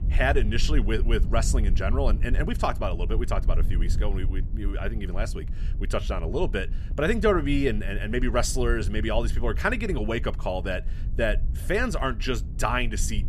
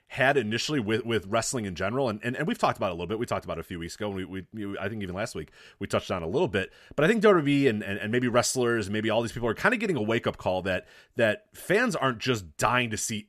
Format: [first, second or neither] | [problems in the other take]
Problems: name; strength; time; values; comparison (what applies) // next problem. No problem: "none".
second | low rumble; noticeable; throughout; 20 dB below the speech